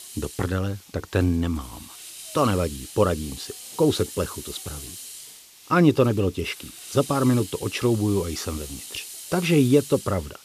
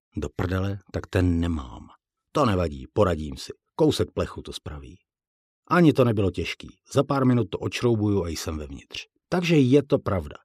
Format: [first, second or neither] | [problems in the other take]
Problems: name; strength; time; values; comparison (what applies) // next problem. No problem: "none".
second | hiss; noticeable; throughout; 15 dB below the speech